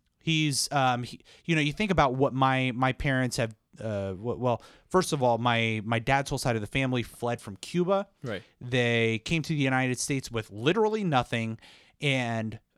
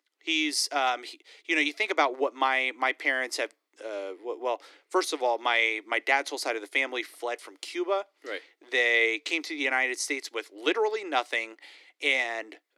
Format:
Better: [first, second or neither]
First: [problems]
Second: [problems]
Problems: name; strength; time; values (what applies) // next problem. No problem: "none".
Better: first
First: none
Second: thin; very; fading below 300 Hz